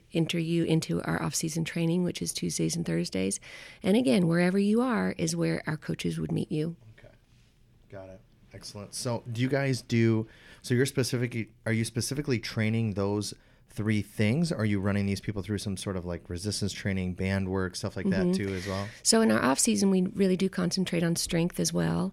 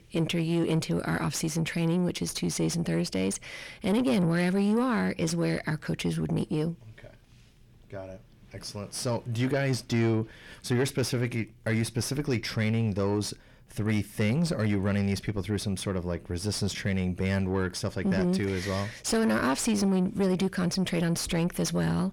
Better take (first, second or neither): first